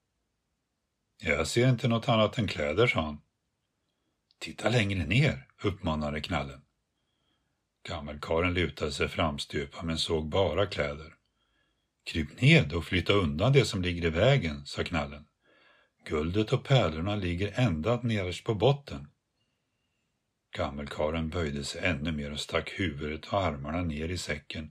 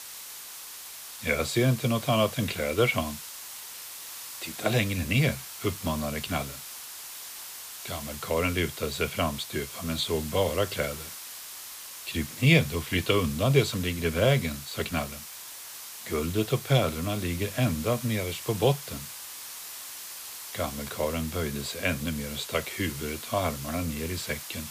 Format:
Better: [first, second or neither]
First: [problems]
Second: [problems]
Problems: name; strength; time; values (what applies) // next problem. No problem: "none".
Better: first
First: none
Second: hiss; noticeable; throughout; 10 dB below the speech